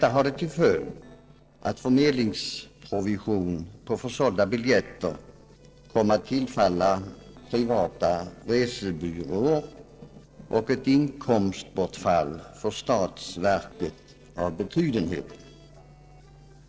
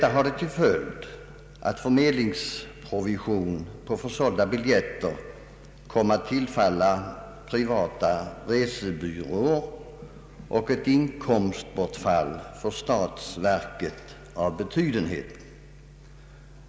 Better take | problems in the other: second | noise reduction (neural separator model SepFormer DNS4)

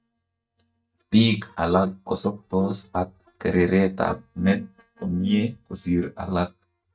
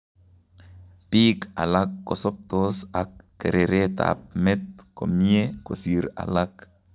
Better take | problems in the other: second | noise reduction (neural mask model DeepFilterNet 3)

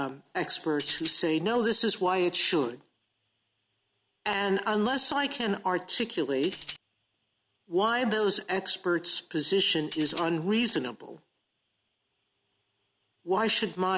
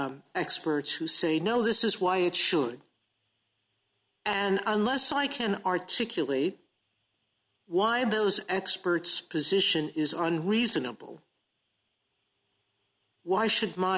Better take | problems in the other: second | background sound (Tambourine); 11 dB below the speech

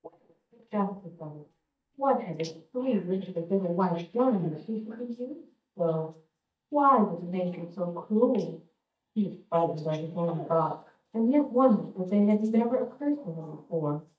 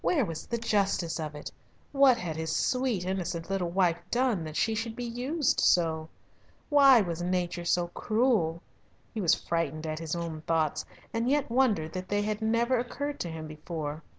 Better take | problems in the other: second | noise reduction (neural mask model DeepFilterNet 3)

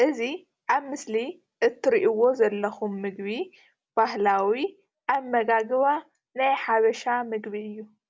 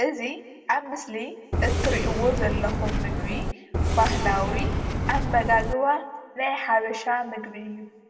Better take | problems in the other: first | background sound (Subway, metro, underground); 2 dB above the speech // room echo; dies away in 1.2 s

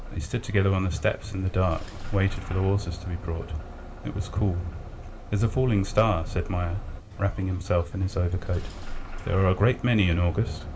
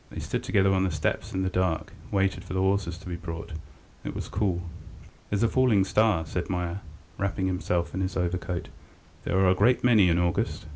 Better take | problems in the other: second | background sound (Engine starting / Bus); 11 dB below the speech // room echo; dies away in 1.6 s

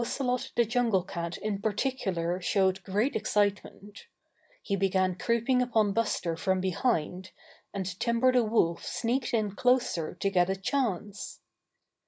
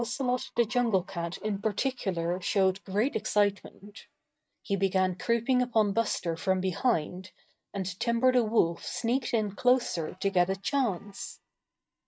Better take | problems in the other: first | noise reduction (neural mask model RNNoise)

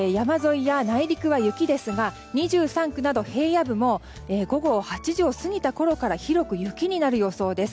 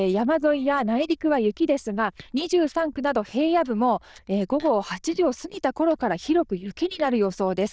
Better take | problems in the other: first | noise reduction (neural diffusion model UNIVERSE++)

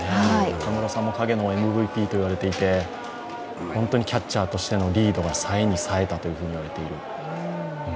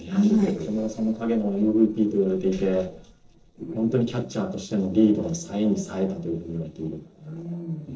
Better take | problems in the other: first | noise reduction (neural separator model SepFormer DNS4)

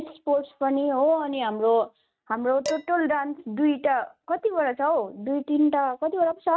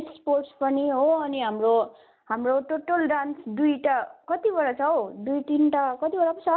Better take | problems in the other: second | noise reduction (neural mask model RNNoise)

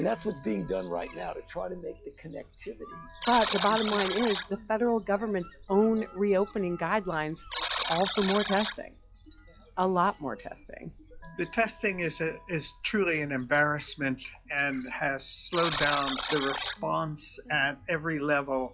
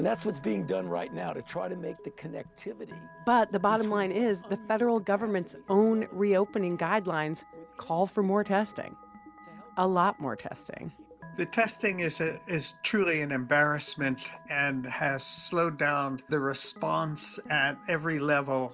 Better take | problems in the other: second | noise reduction (classical method log-MMSE)

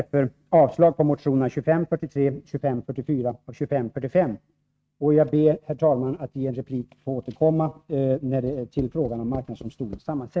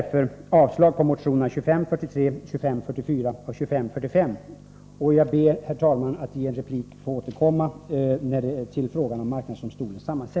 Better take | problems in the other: second | noise reduction (neural mask model RNNoise)

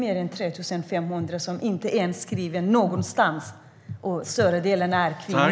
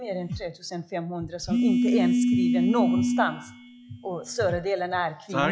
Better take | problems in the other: first | noise reduction (classical method log-MMSE)

